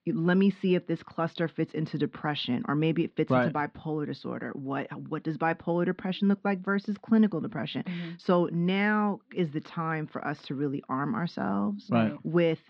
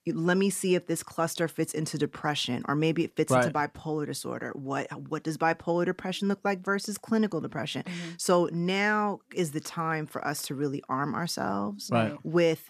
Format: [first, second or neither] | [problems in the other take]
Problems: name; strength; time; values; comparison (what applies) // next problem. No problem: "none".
second | muffled; slightly; fading above 4 kHz